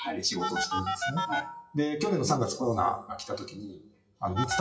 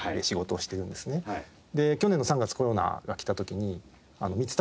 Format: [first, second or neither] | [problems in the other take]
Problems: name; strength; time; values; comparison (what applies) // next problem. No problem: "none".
second | noise reduction (classical method WPE with log-MMSE)